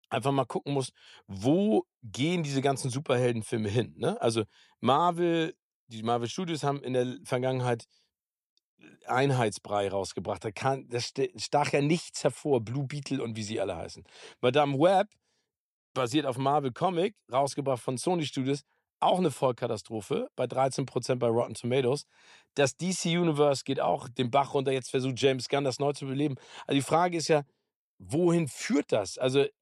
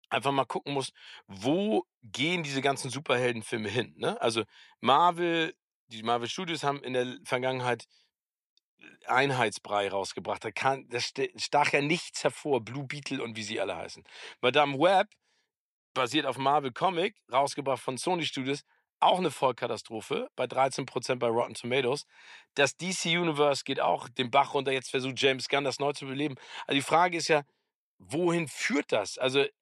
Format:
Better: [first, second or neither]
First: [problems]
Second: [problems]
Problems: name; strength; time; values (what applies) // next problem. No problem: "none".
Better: first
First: none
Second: thin; very slightly; fading below 400 Hz